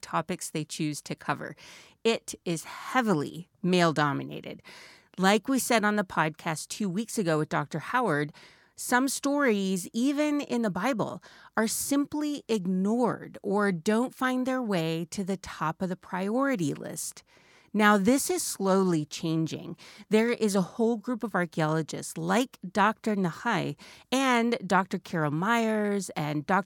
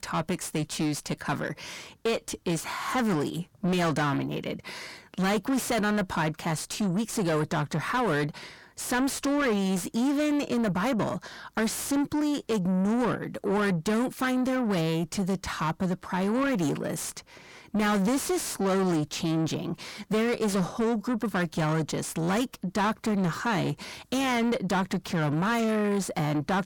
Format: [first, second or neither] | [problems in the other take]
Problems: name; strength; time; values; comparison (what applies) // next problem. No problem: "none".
first | distortion; heavy; 6 dB below the speech